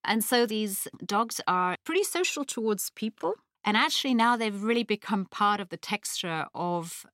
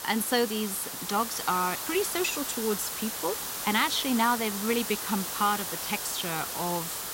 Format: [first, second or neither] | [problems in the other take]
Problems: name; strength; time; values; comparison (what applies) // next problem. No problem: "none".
first | hiss; loud; throughout; 3 dB below the speech